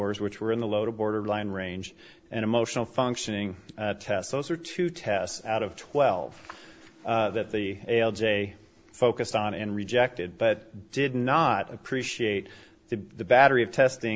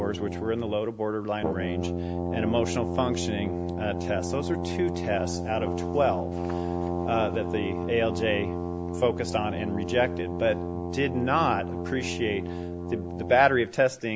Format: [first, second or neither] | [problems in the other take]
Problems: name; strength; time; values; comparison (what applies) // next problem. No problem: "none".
first | background sound (Brass instrument); 3 dB below the speech